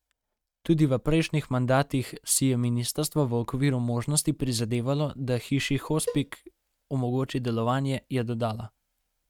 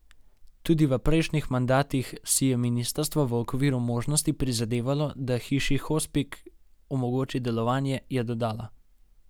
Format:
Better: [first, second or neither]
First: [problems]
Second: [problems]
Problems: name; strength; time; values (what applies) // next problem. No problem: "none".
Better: second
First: noise reduction (neural mask model RNNoise)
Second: none